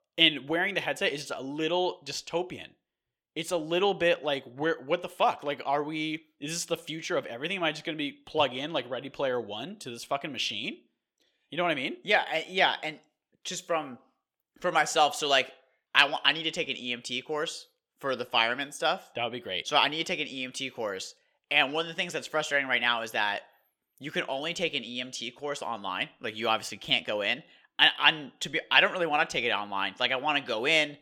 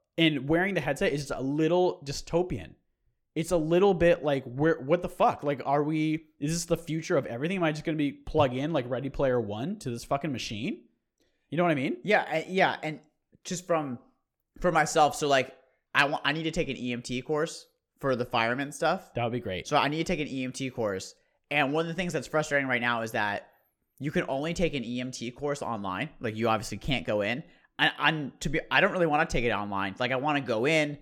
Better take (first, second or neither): second